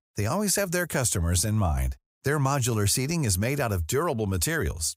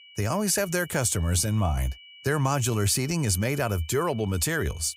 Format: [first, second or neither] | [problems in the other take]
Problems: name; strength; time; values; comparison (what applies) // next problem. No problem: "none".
first | high-pitched whine; faint; throughout; 3 kHz, 20 dB below the speech